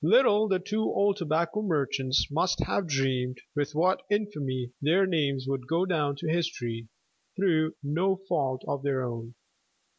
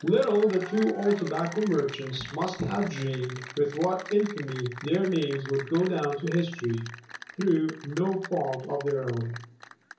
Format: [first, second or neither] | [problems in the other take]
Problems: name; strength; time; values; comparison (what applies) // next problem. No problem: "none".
first | background sound (Applause / Cheering); 16 dB below the speech // room echo; dies away in 0.6 s